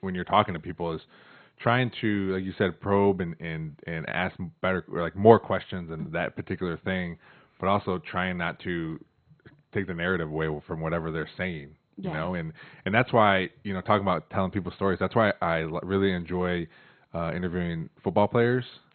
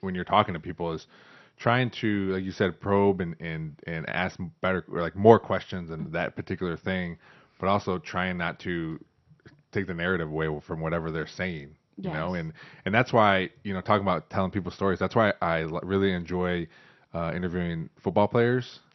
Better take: second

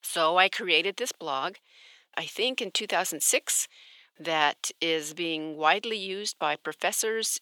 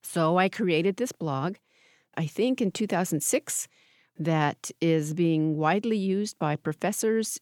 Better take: second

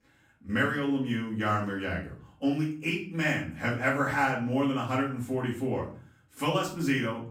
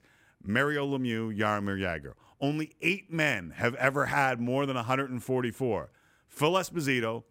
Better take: second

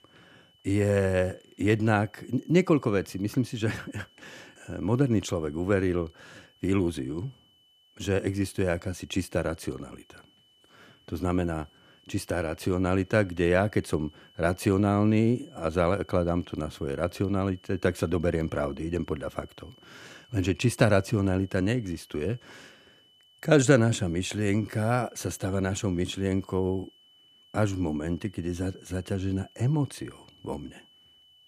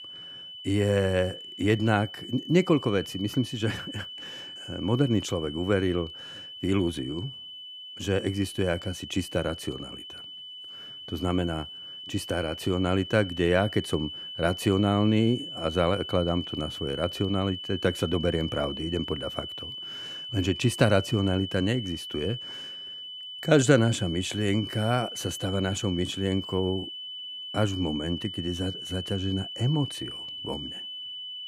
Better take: first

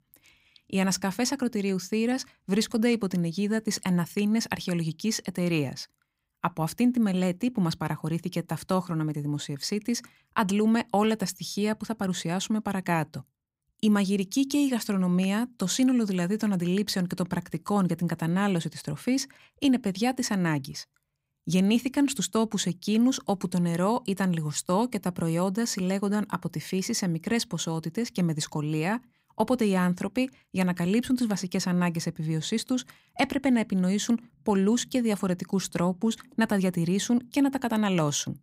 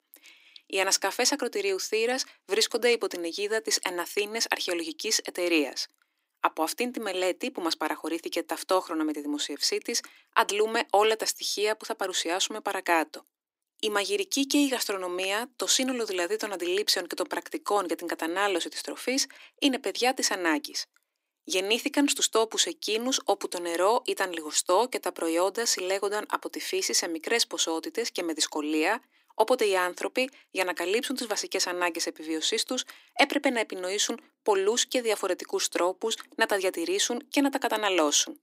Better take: first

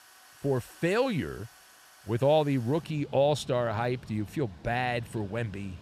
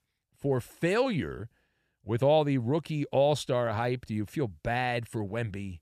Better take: second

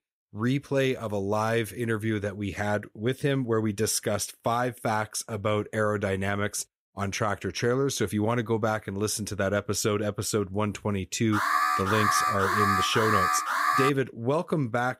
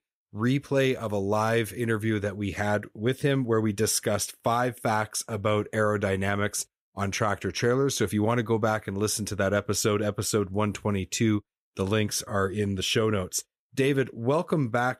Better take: second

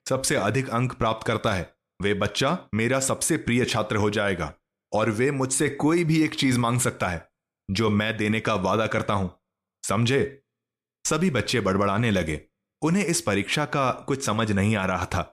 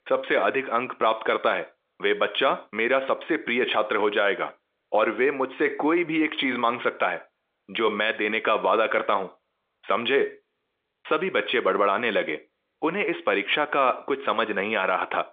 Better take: first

